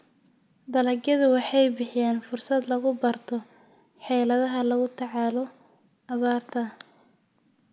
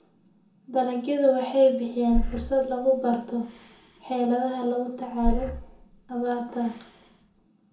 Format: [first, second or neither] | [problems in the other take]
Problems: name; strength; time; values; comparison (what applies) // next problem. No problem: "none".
first | background sound (Breathing); 6 dB below the speech // room echo; dies away in 0.5 s